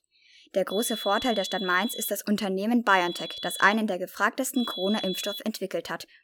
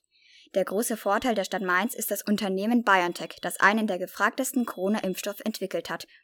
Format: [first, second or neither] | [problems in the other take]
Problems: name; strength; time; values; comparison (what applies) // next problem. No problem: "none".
second | high-pitched whine; loud; from 0.5 to 2 s, at 3 s and at 4.5 s; 3.5 kHz, 8 dB below the speech; faint in the second